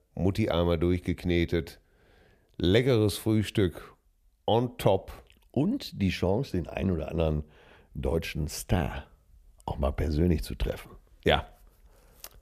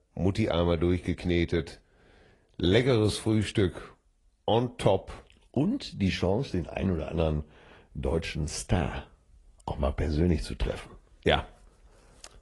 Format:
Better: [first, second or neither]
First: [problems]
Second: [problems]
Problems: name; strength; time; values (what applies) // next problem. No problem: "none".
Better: first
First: none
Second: garbled, watery; slightly; nothing above 10.5 kHz